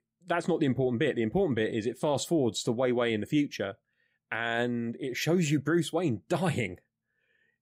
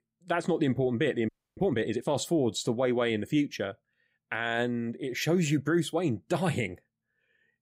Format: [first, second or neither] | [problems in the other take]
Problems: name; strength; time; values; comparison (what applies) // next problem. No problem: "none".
first | audio freezing; at 1.5 s